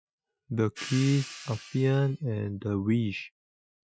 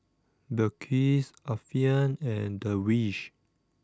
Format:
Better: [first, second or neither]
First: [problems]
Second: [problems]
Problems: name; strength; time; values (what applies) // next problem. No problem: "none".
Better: second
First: noise reduction (classical method Wiener filter)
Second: none